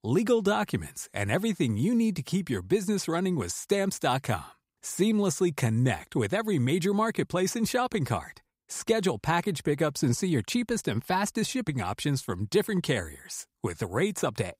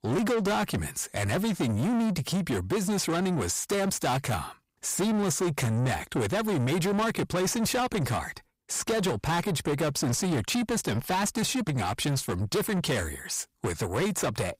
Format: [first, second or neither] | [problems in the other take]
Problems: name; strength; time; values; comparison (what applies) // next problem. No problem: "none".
first | distortion; heavy; 7 dB below the speech